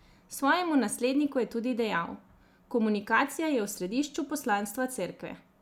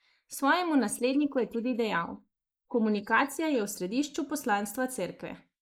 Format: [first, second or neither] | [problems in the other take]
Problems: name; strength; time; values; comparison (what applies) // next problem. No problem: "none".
first | noise reduction (neural mask model Resemble Enhance denoiser)